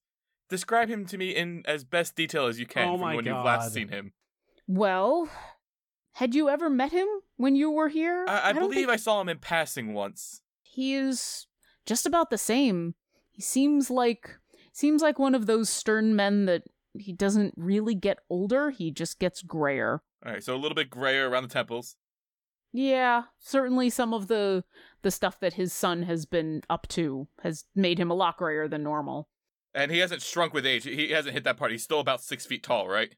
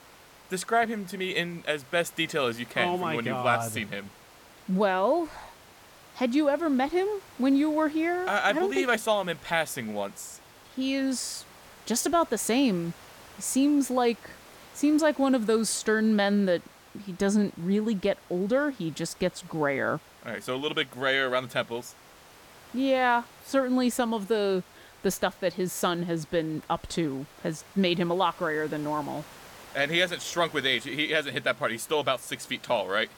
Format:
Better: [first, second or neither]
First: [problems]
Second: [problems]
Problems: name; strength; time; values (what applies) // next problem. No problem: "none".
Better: first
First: none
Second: hiss; faint; throughout; 25 dB below the speech